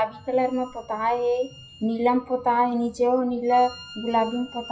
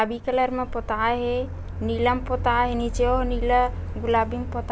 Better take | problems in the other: second | noise reduction (classical method WPE with log-MMSE)

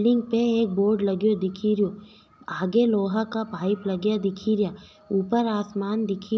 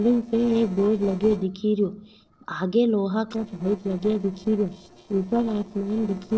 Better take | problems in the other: first | noise reduction (neural separator model SepFormer DNS4)

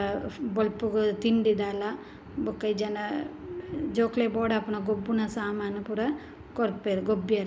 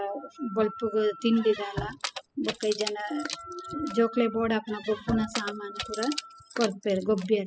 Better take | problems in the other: first | noise reduction (classical method spectral subtraction)

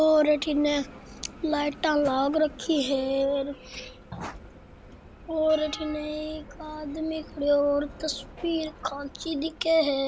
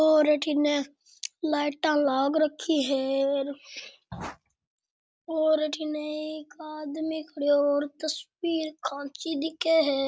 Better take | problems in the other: second | background sound (Bell); 17 dB below the speech

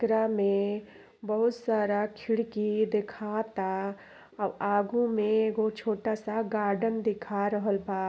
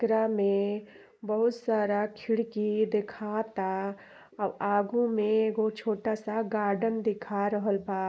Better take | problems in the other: first | noise reduction (neural mask model Resemble Enhance denoiser)

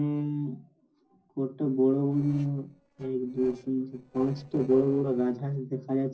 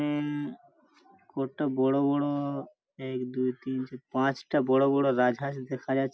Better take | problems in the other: second | noise reduction (neural separator model SepFormer DNS4)

